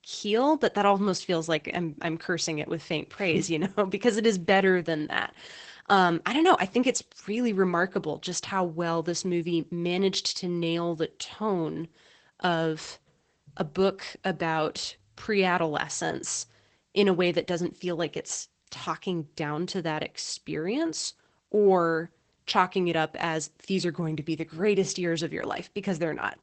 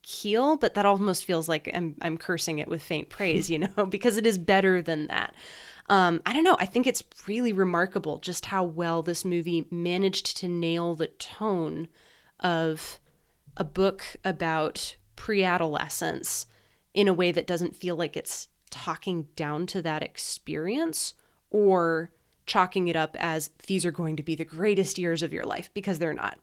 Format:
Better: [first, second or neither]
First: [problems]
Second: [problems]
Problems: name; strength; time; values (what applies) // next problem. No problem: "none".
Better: second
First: garbled, watery; badly; nothing above 8 kHz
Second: garbled, watery; slightly; nothing above 15.5 kHz